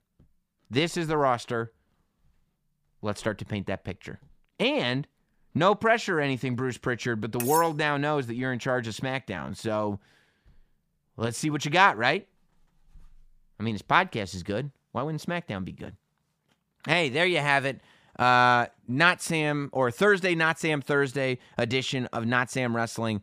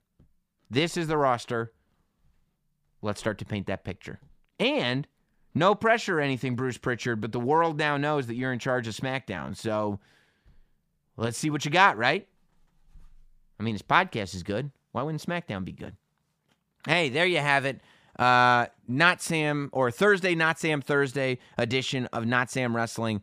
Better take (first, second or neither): second